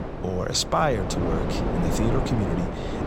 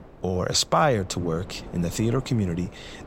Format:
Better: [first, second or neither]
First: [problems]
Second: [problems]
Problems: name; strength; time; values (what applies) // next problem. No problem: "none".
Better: second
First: wind noise on the microphone; heavy; 4 dB below the speech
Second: wind noise on the microphone; occasional gusts; 20 dB below the speech